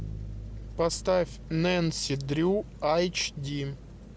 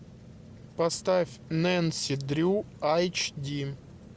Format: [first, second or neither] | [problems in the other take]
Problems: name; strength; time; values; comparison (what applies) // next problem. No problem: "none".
second | background sound (Bass guitar); 13 dB below the speech